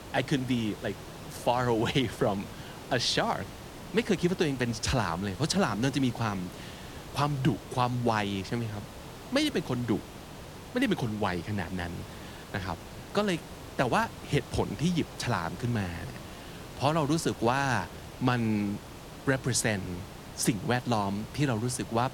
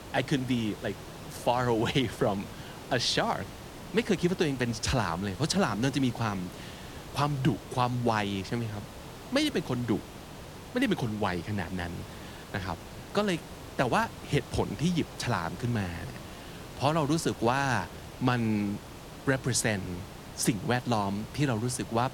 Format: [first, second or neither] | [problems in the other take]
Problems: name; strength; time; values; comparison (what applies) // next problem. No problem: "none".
neither | hiss; noticeable; throughout; 15 dB below the speech; the same in both